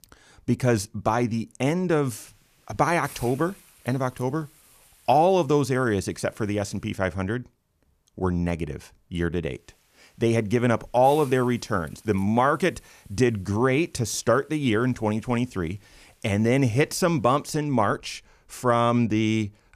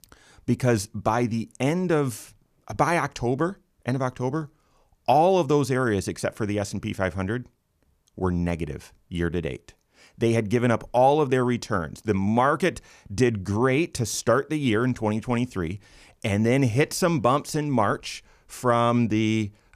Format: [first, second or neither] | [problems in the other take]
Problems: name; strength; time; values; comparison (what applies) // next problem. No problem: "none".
second | hiss; faint; from 2 to 7 s and from 9.5 to 18 s; 25 dB below the speech